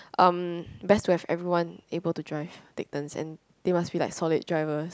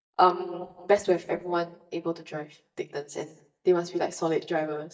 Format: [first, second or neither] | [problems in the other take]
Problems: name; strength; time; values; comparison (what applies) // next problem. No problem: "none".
first | noise reduction (neural mask model DeepFilterNet 3)